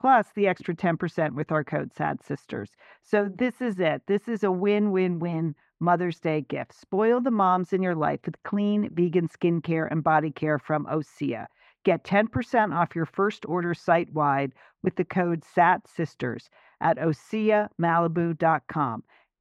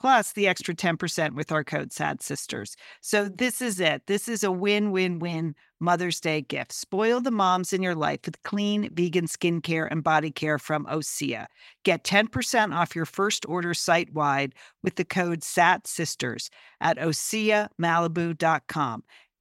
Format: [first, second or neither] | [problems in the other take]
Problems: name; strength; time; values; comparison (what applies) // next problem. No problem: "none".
second | muffled; very; fading above 3.5 kHz